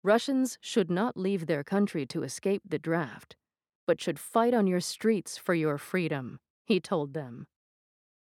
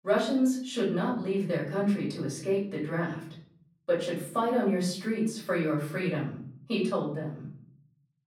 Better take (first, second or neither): first